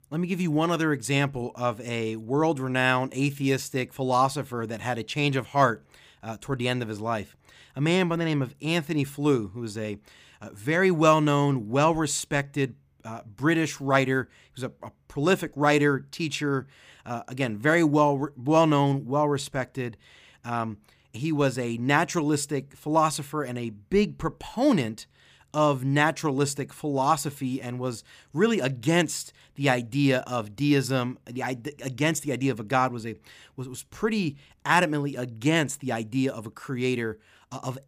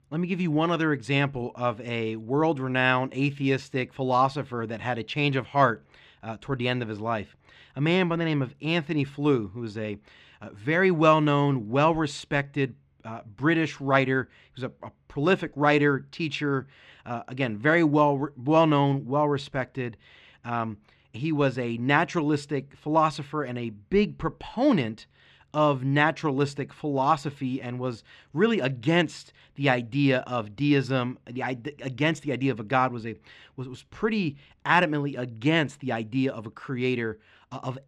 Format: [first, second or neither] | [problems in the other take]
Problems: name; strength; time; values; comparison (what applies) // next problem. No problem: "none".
first | muffled; slightly; fading above 3 kHz